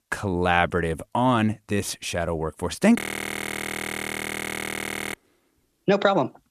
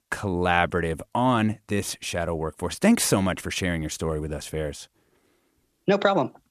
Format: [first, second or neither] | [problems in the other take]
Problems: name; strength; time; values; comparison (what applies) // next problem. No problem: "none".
second | audio freezing; at 3 s for 2 s